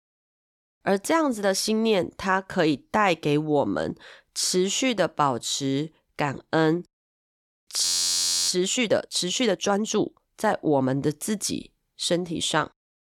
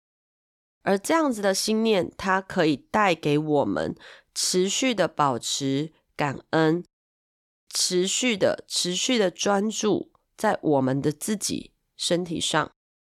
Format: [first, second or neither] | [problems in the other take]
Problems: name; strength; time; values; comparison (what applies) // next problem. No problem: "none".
second | audio freezing; at 8 s for 0.5 s